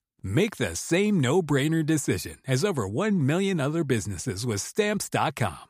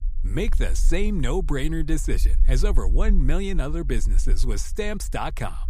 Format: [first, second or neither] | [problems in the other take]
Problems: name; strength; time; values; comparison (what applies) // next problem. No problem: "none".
first | low rumble; faint; throughout; 20 dB below the speech